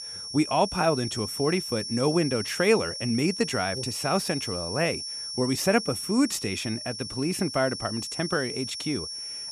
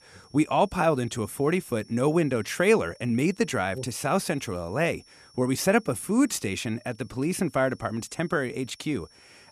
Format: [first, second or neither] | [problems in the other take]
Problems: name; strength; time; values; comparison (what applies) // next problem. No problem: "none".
second | high-pitched whine; loud; throughout; 5.5 kHz, 6 dB below the speech; faint in the second